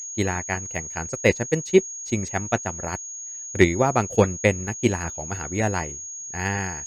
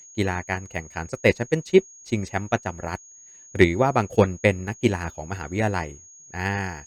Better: second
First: high-pitched whine; loud; throughout; 6.5 kHz, 8 dB below the speech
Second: high-pitched whine; faint; throughout; 6.5 kHz, 20 dB below the speech

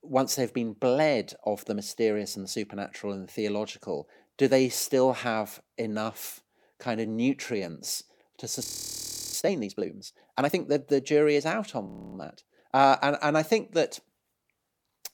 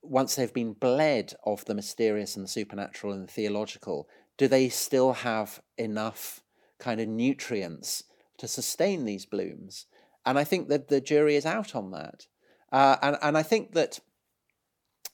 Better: second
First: audio freezing; at 8.5 s for 0.5 s and at 12 s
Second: none

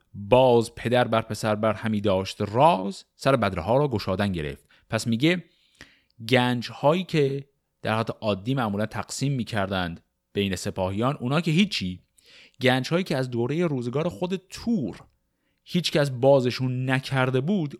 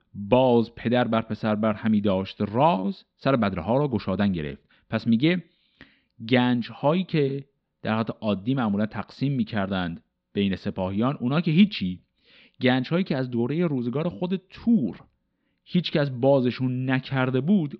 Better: first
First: none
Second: muffled; very slightly; fading above 4 kHz

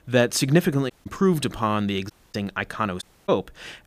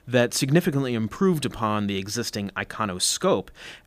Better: second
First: audio cutting out; at 1 s, at 2 s and at 3 s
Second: none

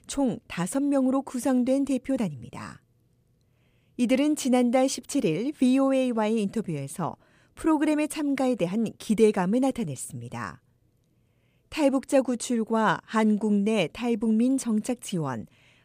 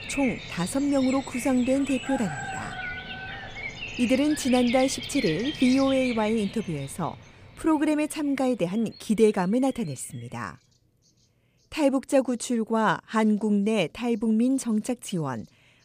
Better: first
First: none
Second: animal sounds; loud; throughout; 10 dB below the speech

